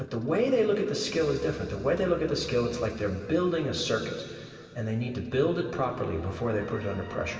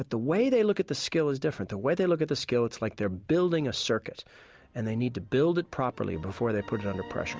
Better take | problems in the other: second | background sound (Musical instrument); 18 dB below the speech // room echo; dies away in 2.7 s

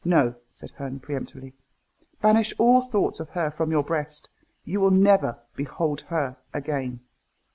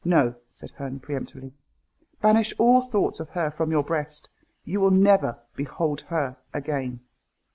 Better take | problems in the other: first | noise reduction (neural mask model Resemble Enhance denoiser)

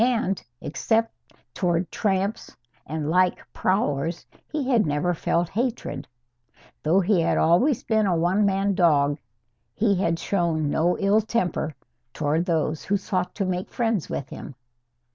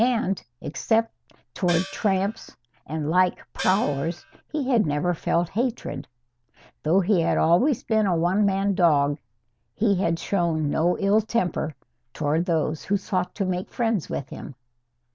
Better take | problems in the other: first | background sound (Gong); 12 dB below the speech

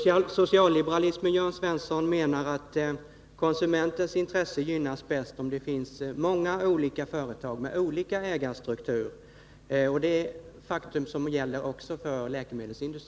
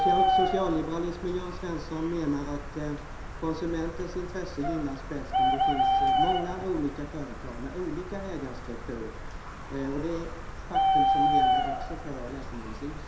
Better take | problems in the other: first | background sound (Bird); 4 dB above the speech // room echo; dies away in 0.7 s

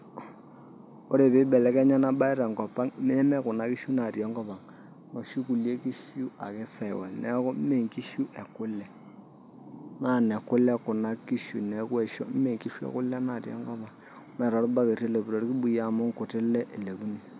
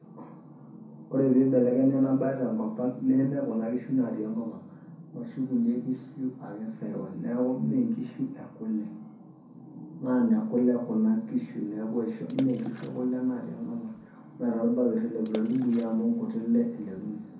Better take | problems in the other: first | background sound (Water / Splash, splatter); 18 dB below the speech // room echo; dies away in 0.5 s

